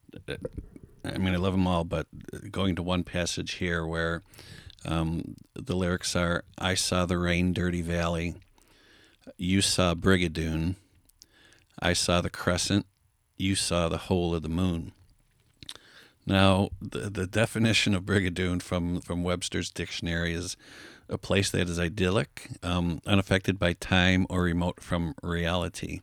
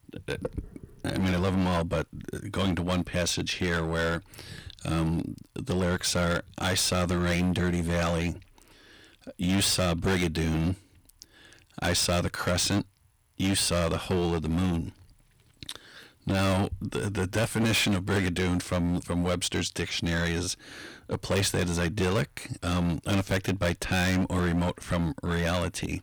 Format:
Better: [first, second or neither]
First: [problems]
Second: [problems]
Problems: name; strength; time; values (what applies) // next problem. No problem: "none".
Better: first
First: none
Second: distortion; heavy; 13% of the sound clipped